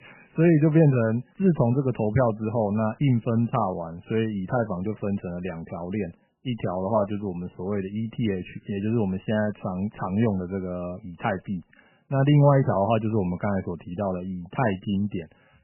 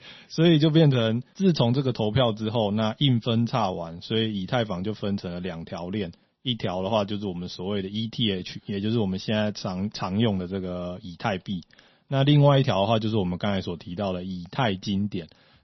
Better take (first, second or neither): second